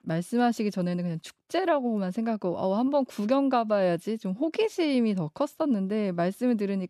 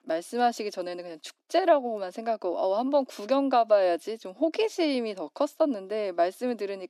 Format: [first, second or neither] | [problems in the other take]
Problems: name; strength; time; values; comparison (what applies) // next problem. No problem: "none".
first | thin; somewhat; fading below 300 Hz